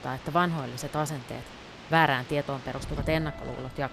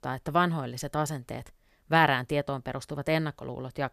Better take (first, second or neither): second